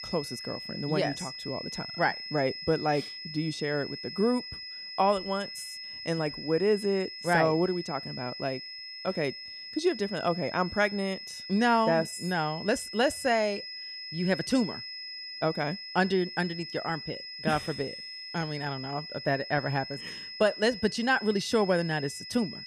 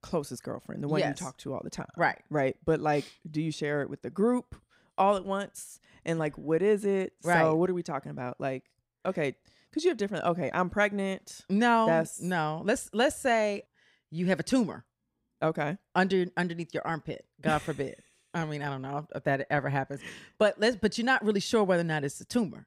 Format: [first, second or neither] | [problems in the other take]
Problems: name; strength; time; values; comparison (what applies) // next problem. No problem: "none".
second | high-pitched whine; loud; throughout; 5 kHz, 9 dB below the speech